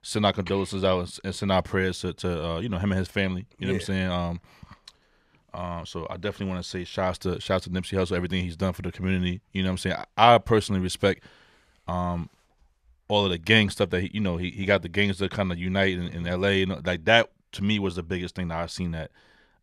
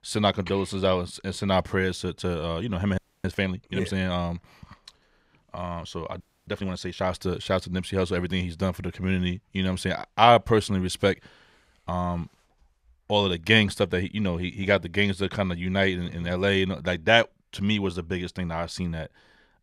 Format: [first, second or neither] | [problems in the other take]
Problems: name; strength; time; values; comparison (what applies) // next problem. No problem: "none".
first | audio freezing; at 3 s and at 6 s